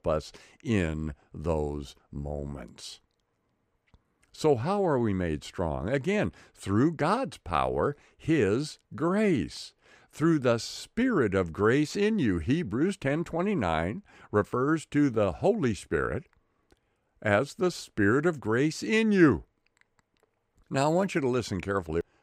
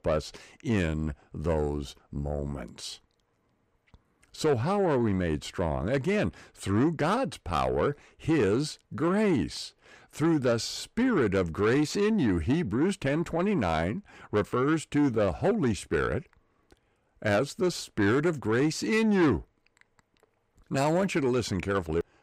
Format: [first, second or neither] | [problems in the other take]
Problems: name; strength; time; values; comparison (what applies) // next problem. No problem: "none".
first | distortion; slight; 10 dB below the speech